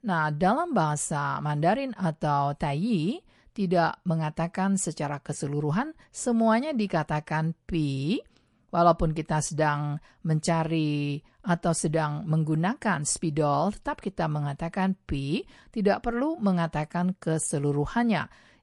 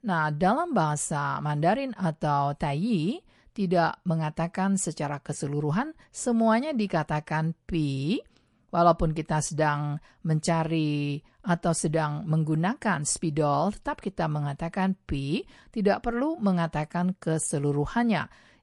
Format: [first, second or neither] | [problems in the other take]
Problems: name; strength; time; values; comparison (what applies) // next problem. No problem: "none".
neither | garbled, watery; slightly; the same in both